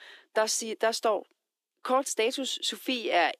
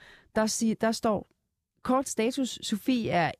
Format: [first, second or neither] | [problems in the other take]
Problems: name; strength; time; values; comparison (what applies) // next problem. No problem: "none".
second | thin; somewhat; fading below 300 Hz